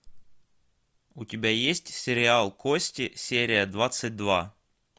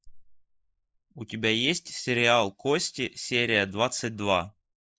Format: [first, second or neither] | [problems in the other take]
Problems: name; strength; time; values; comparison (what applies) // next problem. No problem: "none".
first | noise reduction (neural mask model Resemble Enhance denoiser)